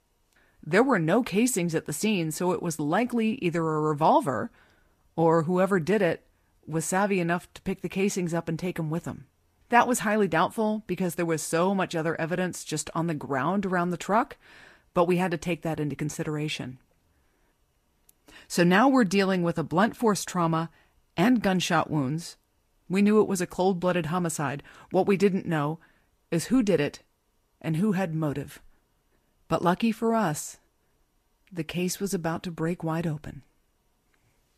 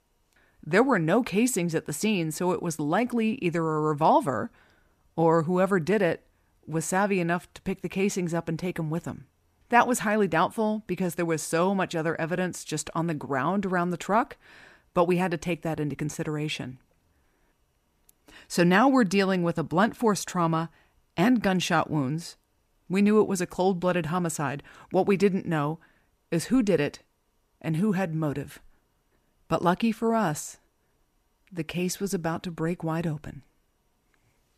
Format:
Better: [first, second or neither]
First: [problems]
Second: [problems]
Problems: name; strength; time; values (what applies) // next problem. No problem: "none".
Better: second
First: garbled, watery; slightly; nothing above 14.5 kHz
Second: none